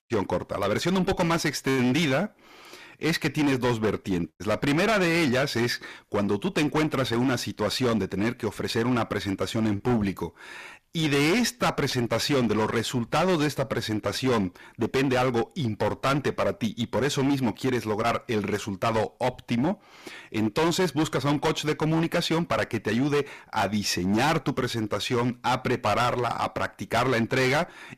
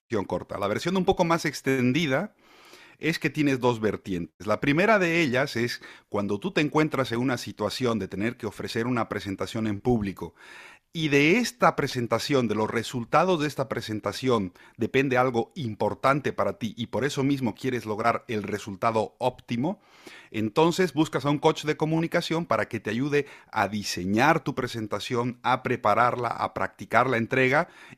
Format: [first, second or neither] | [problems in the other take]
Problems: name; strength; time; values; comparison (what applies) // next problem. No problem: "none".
second | distortion; heavy; 15% of the sound clipped